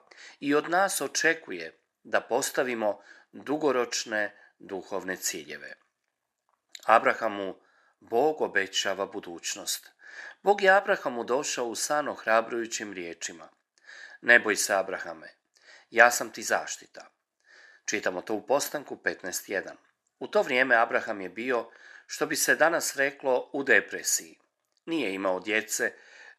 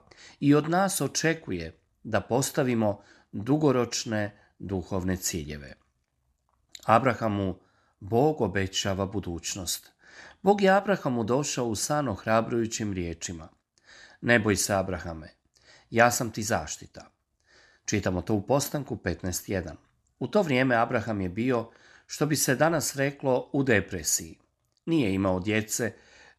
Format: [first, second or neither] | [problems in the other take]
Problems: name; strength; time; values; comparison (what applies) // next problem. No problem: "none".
second | thin; somewhat; fading below 450 Hz